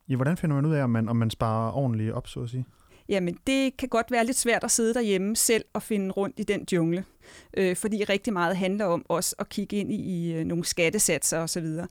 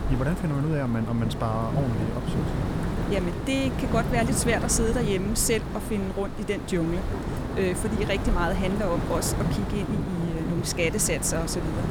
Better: first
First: none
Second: wind noise on the microphone; heavy; 5 dB below the speech

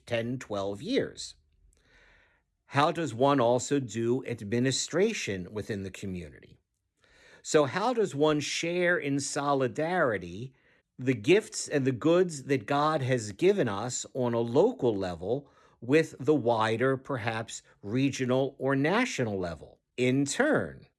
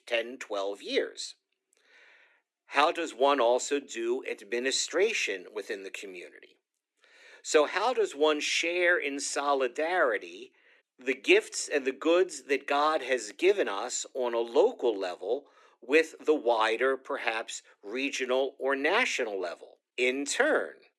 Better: first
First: none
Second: thin; somewhat; fading below 350 Hz

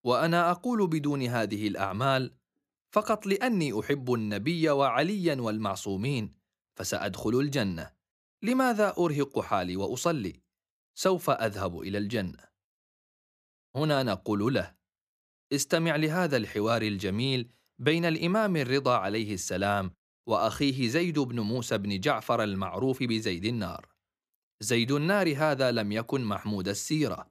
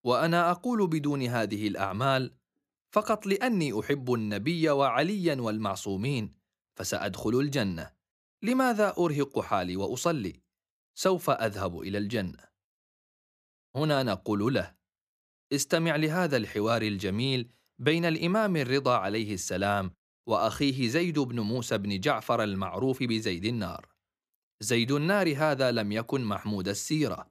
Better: neither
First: none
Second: none

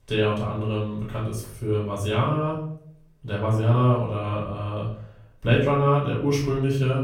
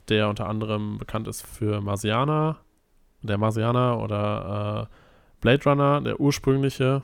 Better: second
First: room echo; noticeable; dies away in 0.5 s // off-mic speech; far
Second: none

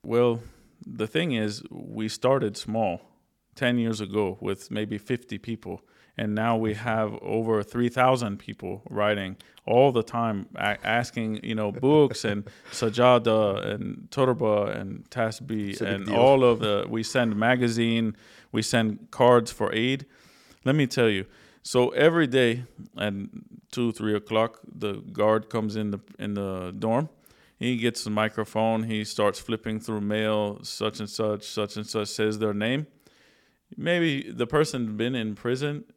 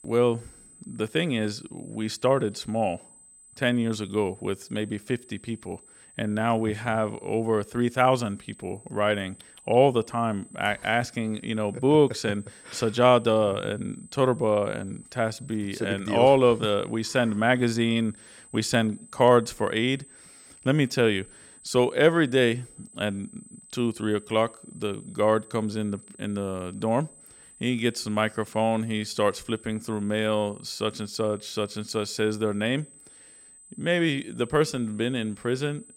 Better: first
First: none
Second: high-pitched whine; faint; throughout; 8 kHz, 25 dB below the speech

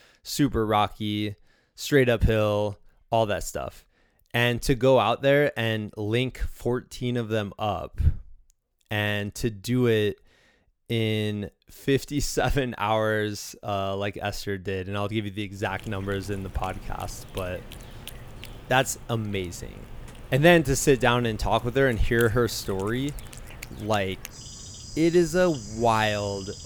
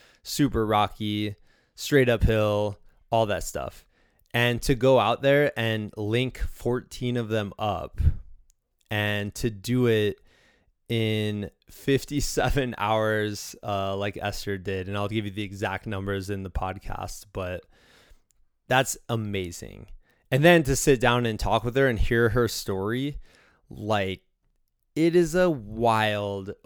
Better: second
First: animal sounds; noticeable; from 16 s on; 15 dB below the speech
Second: none

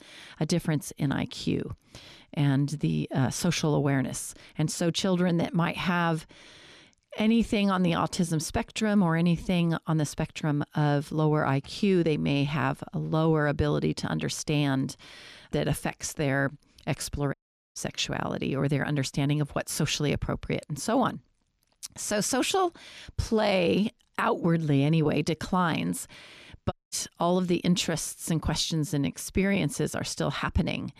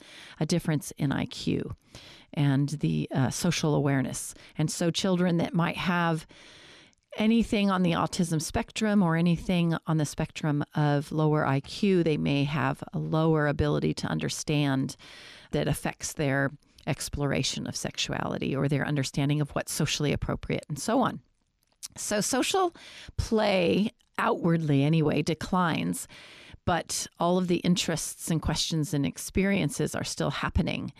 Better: second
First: audio cutting out; at 17 s and at 27 s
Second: none

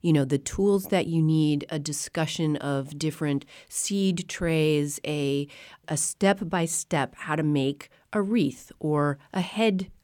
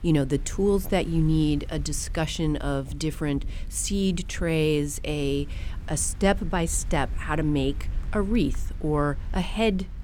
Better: first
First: none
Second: wind noise on the microphone; occasional gusts; 25 dB below the speech

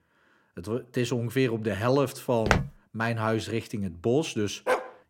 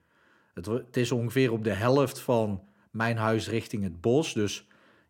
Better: second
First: footsteps; loud; at 2.5 s; peak 2 dB above the speech // dog barking; noticeable; at 4.5 s; peak 1 dB below the speech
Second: none

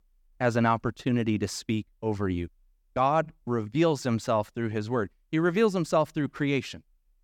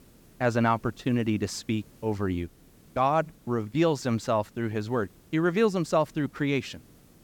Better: first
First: none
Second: hiss; faint; throughout; 30 dB below the speech

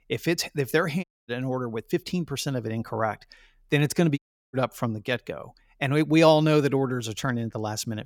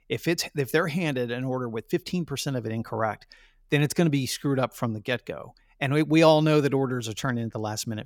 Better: second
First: audio cutting out; at 1 s and at 4 s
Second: none

